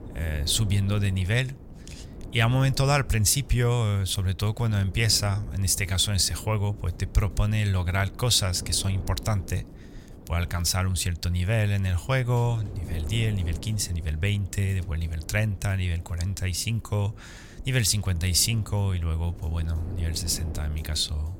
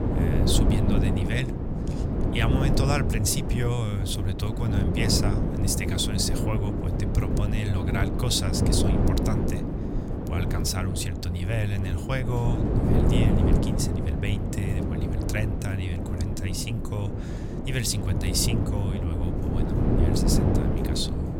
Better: first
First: wind noise on the microphone; occasional gusts; 20 dB below the speech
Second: wind noise on the microphone; heavy; 1 dB below the speech

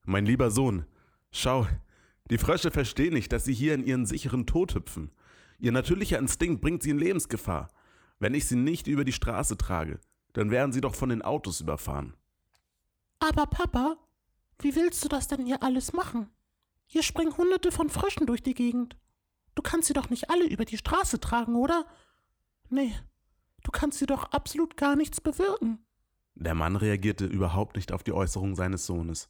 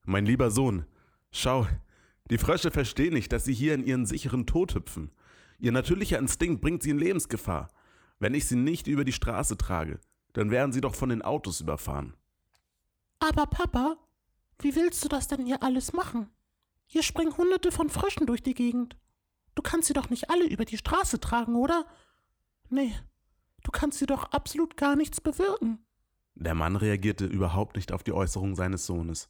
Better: neither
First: none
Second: none

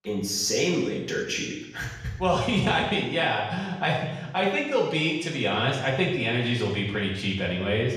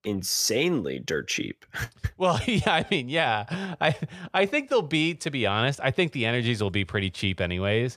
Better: second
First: room echo; noticeable; dies away in 0.9 s // off-mic speech; far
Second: none

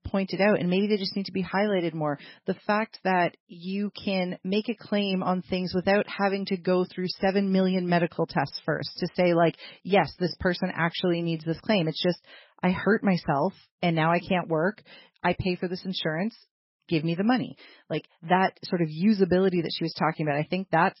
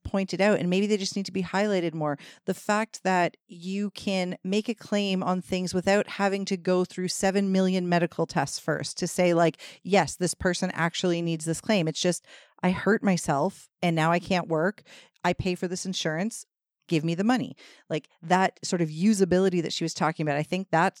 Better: second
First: garbled, watery; badly; nothing above 5.5 kHz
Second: none

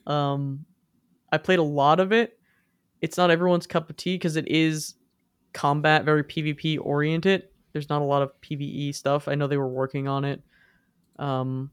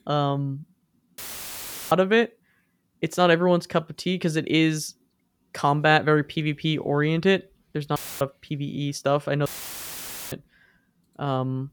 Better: first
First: none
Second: audio cutting out; filled with static; at 1 s for 0.5 s, at 8 s and at 9.5 s for 1 s

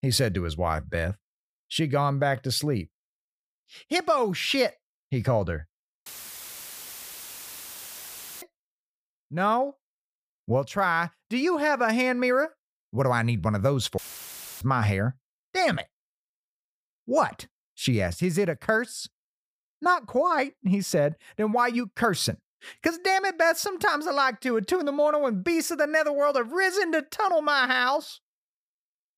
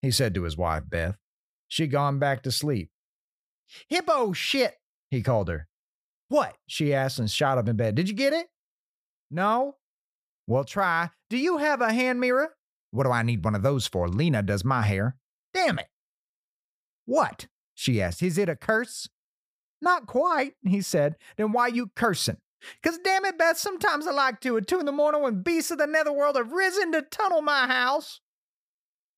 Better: second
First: audio cutting out; filled with static; at 6 s for 2.5 s and at 14 s for 0.5 s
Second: none

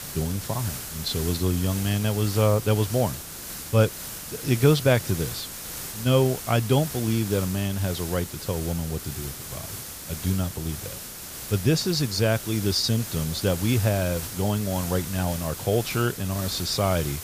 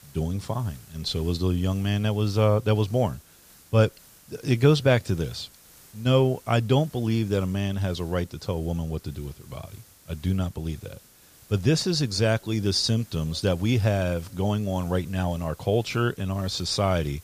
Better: second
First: hiss; loud; throughout; 9 dB below the speech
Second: hiss; faint; throughout; 25 dB below the speech

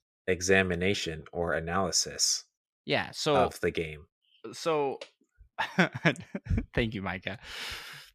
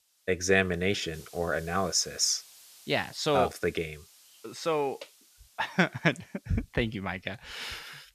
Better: first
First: none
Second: hiss; faint; throughout; 25 dB below the speech

